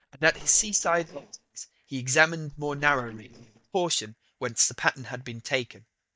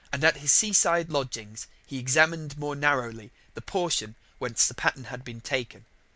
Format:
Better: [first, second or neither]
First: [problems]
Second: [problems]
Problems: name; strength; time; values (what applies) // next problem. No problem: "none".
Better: second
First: noise reduction (neural mask model DeepFilterNet 3)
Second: none